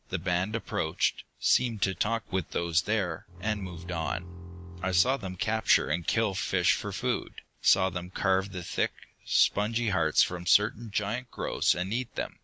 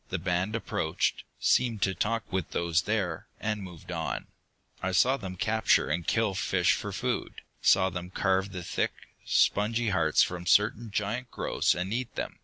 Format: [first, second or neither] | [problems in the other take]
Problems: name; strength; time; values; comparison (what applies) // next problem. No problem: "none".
second | background sound (Bowed string instrument); 10 dB below the speech